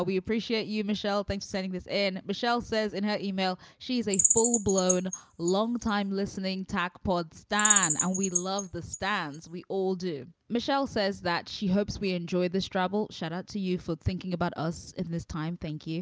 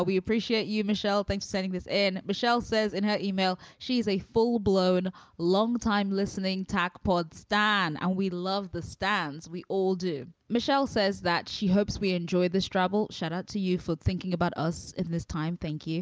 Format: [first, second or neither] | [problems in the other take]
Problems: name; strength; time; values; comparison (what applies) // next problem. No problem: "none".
second | background sound (Bird vocalization, bird call, bird song); as loud as the speech